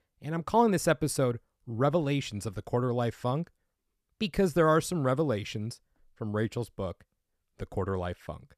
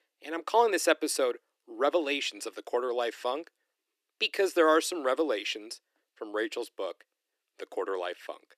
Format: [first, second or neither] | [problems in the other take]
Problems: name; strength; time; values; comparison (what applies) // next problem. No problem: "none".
first | thin; very; fading below 300 Hz